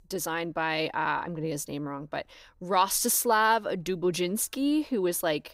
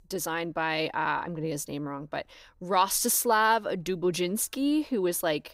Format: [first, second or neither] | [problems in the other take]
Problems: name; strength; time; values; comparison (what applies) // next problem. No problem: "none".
neither | none